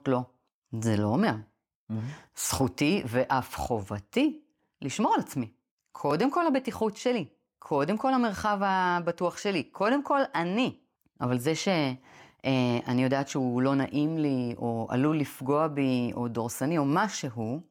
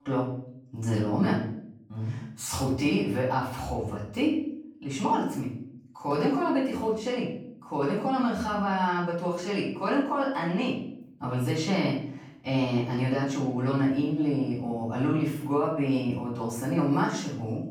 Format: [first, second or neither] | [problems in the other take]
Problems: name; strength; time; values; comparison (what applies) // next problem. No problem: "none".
first | off-mic speech; far // room echo; noticeable; dies away in 0.6 s